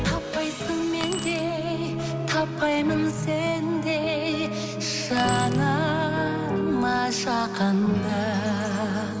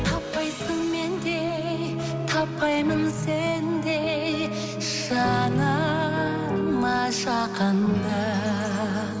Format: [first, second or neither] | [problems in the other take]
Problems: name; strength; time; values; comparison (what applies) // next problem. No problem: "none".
second | background sound (Keys jangling); 13 dB below the speech